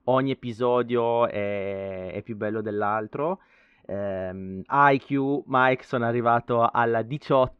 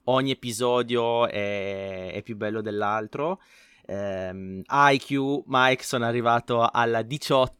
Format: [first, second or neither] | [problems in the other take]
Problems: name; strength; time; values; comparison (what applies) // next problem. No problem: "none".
second | muffled; very; fading above 2 kHz